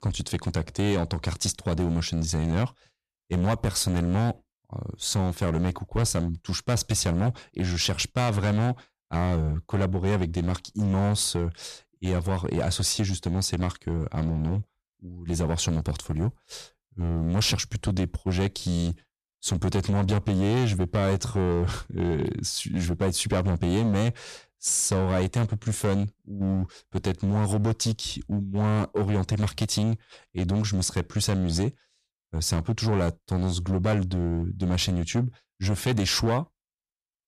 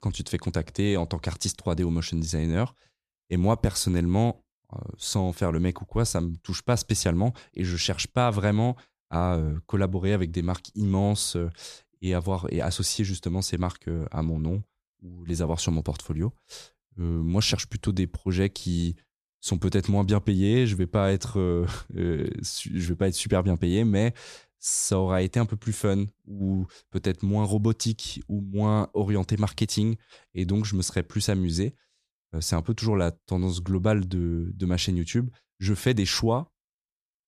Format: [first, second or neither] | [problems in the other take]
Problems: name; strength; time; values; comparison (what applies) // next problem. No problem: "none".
second | distortion; slight; 11% of the sound clipped